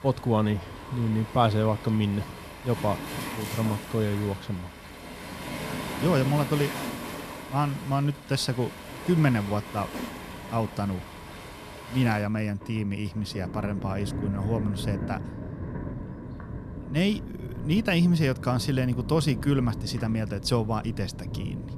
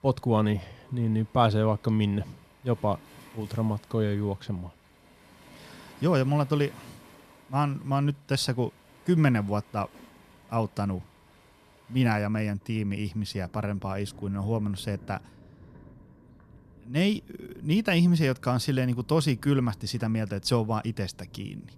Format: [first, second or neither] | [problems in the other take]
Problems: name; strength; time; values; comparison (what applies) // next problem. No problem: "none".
second | rain or running water; loud; throughout; 9 dB below the speech; faint in the second